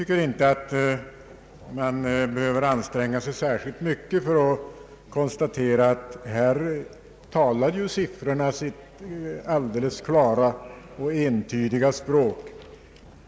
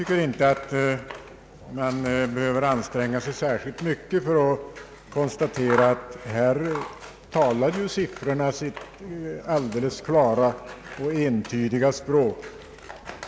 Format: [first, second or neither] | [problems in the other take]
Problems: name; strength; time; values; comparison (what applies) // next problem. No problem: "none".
first | background sound (Scissors); 16 dB below the speech